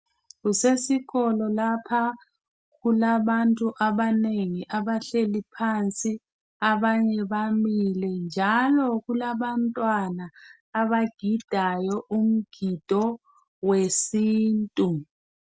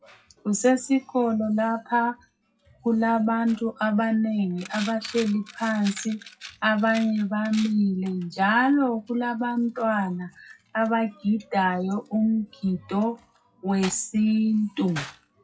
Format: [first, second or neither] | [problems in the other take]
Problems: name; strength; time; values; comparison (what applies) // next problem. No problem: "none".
first | noise reduction (classical method WPE with log-MMSE)